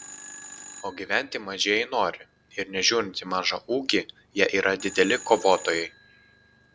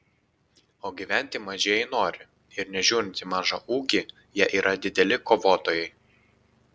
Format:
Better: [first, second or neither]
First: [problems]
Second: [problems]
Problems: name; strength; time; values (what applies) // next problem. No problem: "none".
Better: second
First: background sound (Telephone); 19 dB below the speech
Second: none